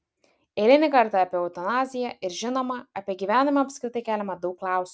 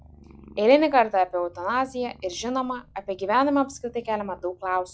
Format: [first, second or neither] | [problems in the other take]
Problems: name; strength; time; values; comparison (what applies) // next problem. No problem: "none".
first | noise reduction (classical method log-MMSE)